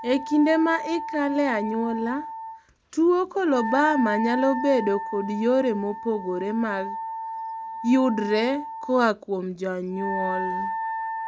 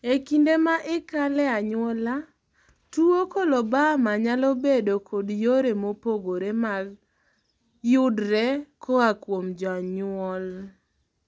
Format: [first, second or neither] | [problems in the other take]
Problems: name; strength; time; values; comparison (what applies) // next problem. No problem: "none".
second | background sound (Wind instrument, woodwind instrument); 8 dB below the speech